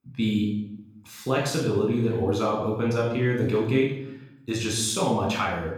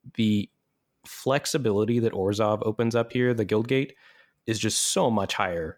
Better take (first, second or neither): second